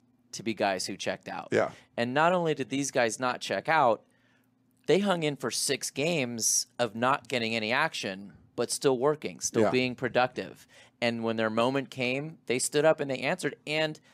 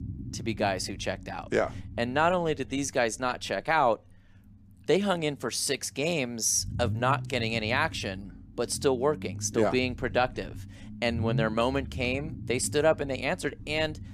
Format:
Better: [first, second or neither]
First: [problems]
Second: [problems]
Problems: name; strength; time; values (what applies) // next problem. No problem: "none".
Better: first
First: none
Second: low rumble; faint; throughout; 20 dB below the speech